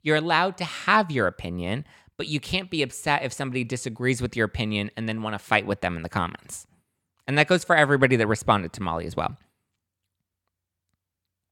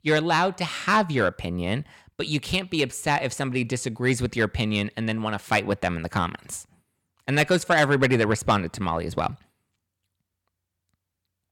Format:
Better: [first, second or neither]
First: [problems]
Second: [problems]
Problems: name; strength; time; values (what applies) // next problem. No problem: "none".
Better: first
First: none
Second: distortion; slight; 10 dB below the speech